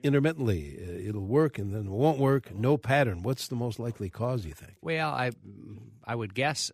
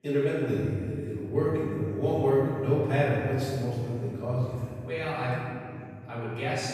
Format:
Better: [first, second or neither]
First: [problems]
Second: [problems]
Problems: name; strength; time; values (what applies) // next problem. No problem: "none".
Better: first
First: none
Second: off-mic speech; far // room echo; strong; dies away in 2.2 s